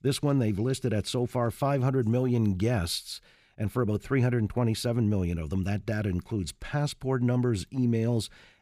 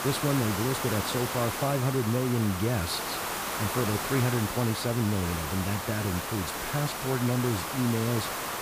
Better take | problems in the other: first | hiss; loud; throughout; 3 dB below the speech

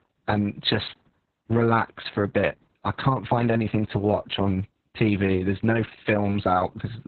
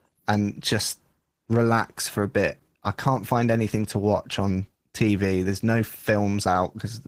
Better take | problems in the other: second | garbled, watery; badly; nothing above 4 kHz; slightly in the second

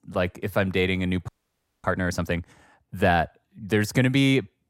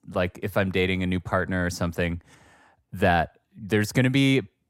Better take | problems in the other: second | audio freezing; at 1.5 s for 0.5 s

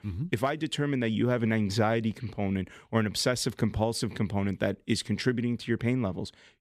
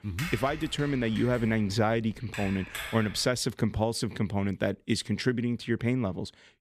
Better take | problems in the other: first | keyboard typing; noticeable; until 3.5 s; peak 8 dB below the speech

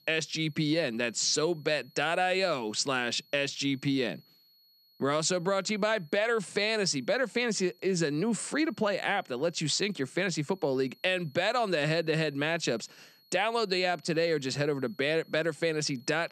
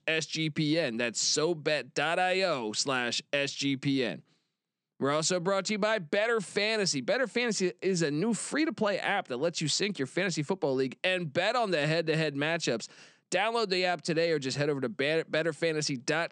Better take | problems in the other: second | high-pitched whine; faint; throughout; 4.5 kHz, 30 dB below the speech

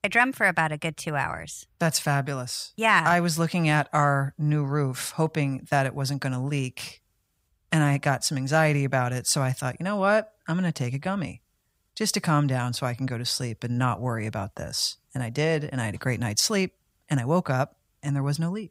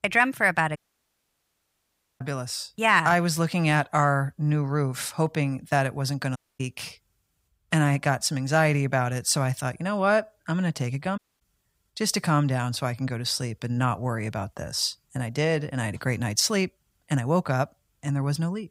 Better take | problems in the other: first | audio cutting out; at 1 s for 1.5 s, at 6.5 s and at 11 s

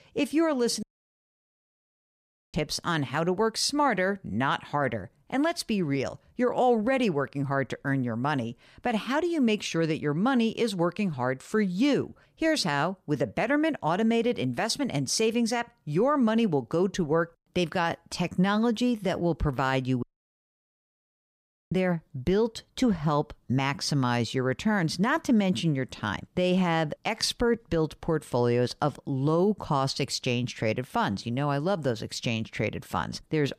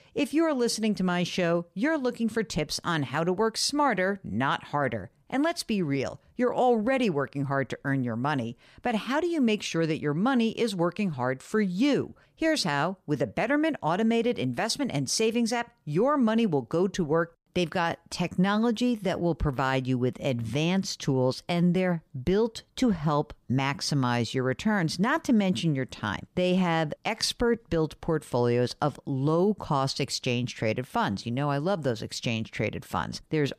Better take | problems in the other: second | audio cutting out; at 1 s for 1.5 s and at 20 s for 1.5 s

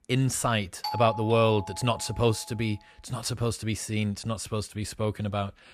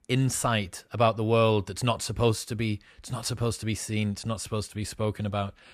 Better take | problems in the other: second | doorbell; noticeable; from 1 to 2.5 s; peak 5 dB below the speech

